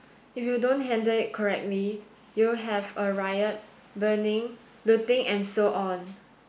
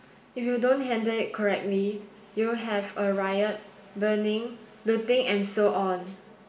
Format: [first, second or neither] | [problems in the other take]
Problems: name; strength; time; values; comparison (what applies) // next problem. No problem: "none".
first | room echo; dies away in 2.5 s